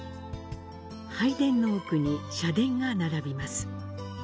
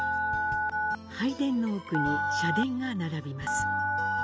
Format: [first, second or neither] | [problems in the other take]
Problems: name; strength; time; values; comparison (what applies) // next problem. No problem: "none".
first | background sound (Telephone); 1 dB above the speech